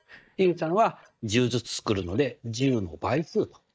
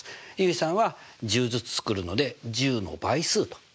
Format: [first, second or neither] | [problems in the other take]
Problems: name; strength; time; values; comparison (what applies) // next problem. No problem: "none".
second | noise reduction (neural mask model DeepFilterNet 3)